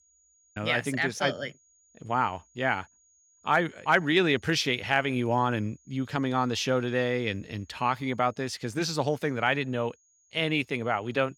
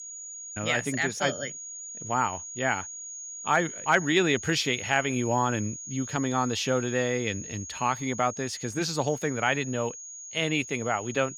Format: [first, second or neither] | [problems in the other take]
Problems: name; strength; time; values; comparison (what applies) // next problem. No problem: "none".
first | high-pitched whine; loud; throughout; 6.5 kHz, 10 dB below the speech; faint in the first